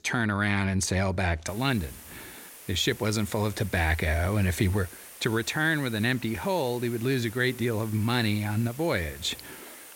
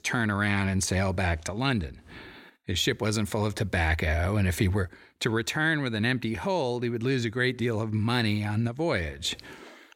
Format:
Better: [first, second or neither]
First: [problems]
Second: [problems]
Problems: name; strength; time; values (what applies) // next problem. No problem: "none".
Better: second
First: hiss; noticeable; from 1.5 s on; 15 dB below the speech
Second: none